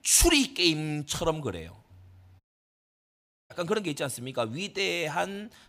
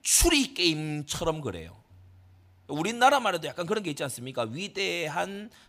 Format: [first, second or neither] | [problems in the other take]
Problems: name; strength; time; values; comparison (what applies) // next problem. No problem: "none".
second | audio cutting out; at 2.5 s for 1 s